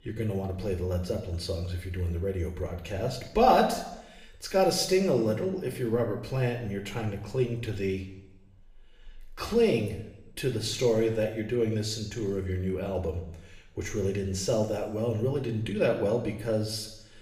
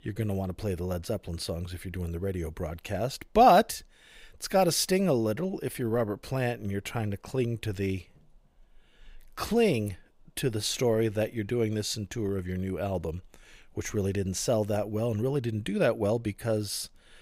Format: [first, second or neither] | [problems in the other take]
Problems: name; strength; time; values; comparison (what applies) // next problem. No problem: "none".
second | room echo; slight; dies away in 0.8 s // off-mic speech; somewhat distant